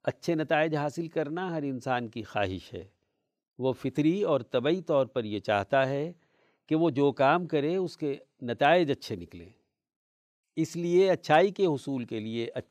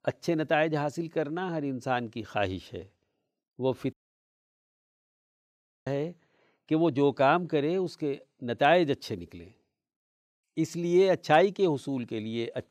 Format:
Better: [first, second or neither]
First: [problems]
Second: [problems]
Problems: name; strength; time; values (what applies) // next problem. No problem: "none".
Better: first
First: none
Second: audio cutting out; at 4 s for 2 s